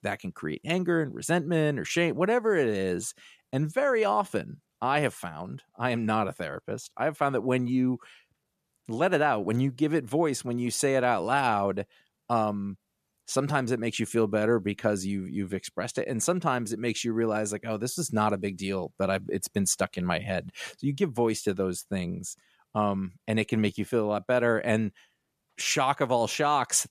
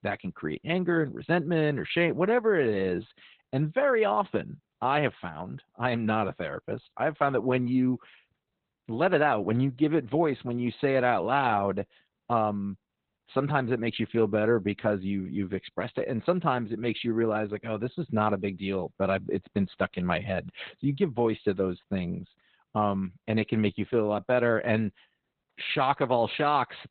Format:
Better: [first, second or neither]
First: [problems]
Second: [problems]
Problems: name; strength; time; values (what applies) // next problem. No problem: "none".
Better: first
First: none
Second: garbled, watery; badly; nothing above 4 kHz